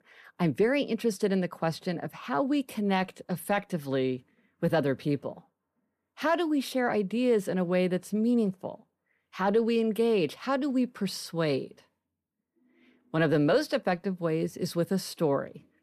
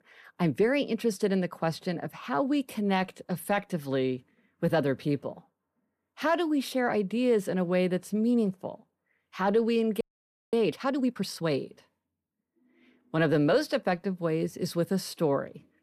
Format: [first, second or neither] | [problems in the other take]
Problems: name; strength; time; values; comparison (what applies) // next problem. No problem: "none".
first | audio freezing; at 10 s for 0.5 s